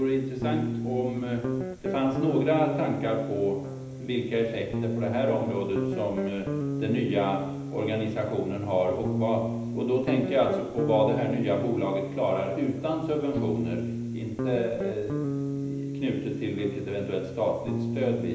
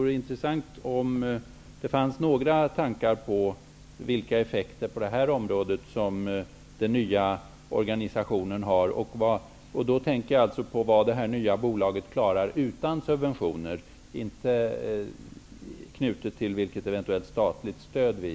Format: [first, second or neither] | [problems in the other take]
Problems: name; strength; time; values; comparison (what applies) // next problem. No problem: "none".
second | background sound (Guitar); 4 dB below the speech // room echo; dies away in 0.9 s